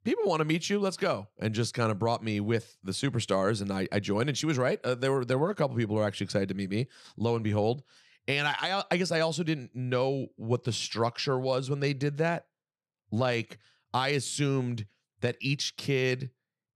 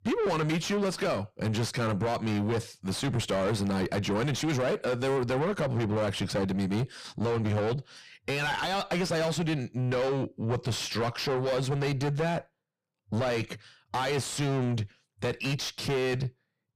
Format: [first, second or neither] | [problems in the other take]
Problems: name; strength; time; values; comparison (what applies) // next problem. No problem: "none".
first | distortion; heavy; 5 dB below the speech